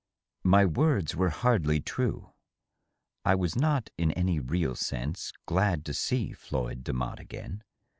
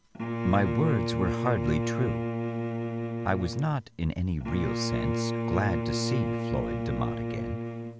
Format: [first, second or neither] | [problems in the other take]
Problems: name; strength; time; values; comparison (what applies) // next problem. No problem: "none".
first | background sound (Bowed string instrument); as loud as the speech